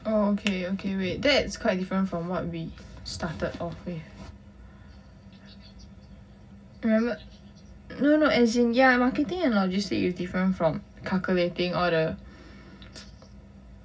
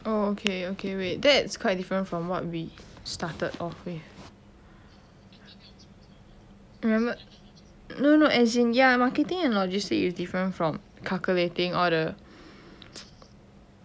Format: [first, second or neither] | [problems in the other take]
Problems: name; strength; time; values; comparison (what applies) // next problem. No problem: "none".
second | room echo; dies away in 0.4 s